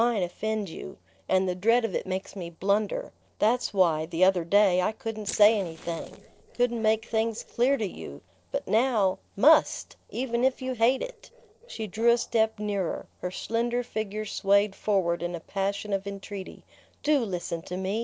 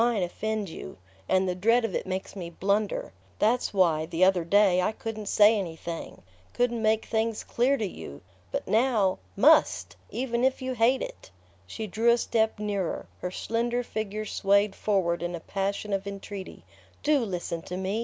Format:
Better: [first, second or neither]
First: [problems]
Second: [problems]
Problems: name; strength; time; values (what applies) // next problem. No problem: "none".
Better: second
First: noise reduction (neural separator model SepFormer DNS4)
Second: none